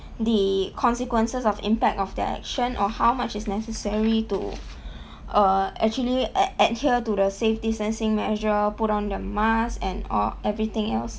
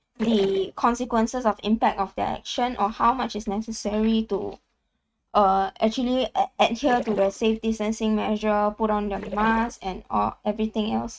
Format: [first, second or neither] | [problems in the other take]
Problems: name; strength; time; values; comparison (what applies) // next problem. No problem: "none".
first | noise reduction (neural mask model RNNoise)